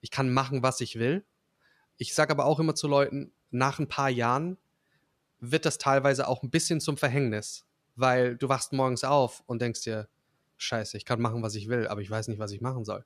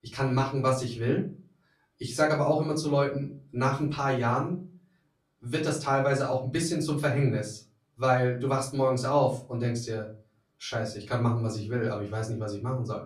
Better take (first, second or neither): first